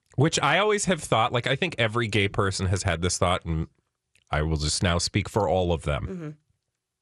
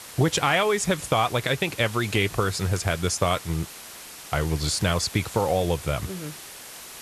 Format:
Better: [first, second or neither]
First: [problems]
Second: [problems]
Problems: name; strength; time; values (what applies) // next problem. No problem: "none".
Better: first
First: none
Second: hiss; noticeable; throughout; 15 dB below the speech